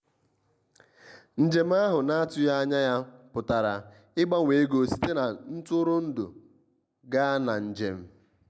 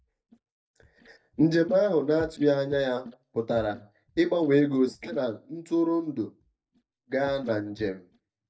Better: first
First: none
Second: noise reduction (neural mask model DeepFilterNet 3)

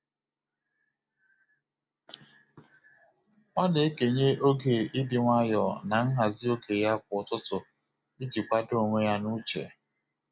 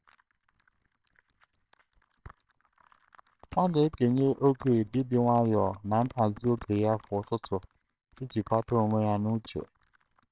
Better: first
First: none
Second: noise reduction (neural separator model SepFormer WHAMR!)

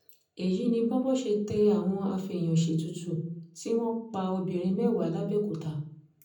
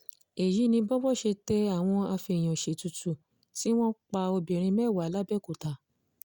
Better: second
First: room echo; dies away in 0.6 s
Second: none

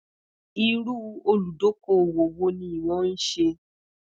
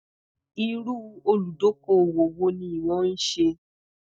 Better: first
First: none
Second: noise reduction (neural mask model DeepFilterNet 3)

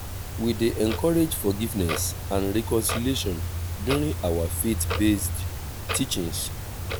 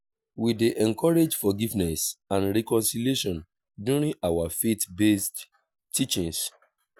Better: second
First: background sound (Clock); 4 dB below the speech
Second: none

